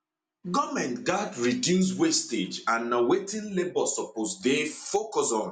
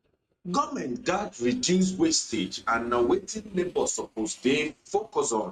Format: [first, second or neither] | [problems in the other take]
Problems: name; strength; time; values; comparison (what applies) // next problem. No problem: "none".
first | noise reduction (neural mask model RNNoise)